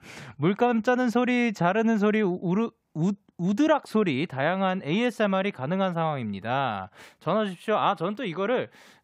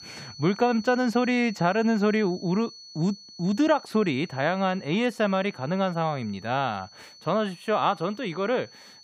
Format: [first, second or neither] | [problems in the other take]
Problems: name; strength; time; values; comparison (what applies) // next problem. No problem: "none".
first | high-pitched whine; noticeable; throughout; 4.5 kHz, 20 dB below the speech